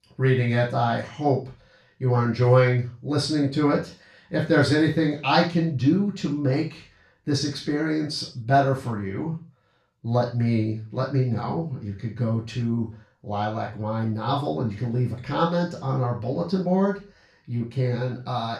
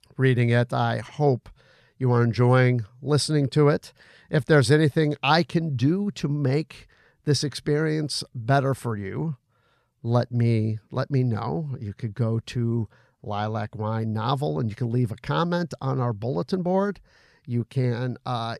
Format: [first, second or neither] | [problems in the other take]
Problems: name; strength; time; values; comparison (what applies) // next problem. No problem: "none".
second | room echo; noticeable; dies away in 0.3 s // off-mic speech; far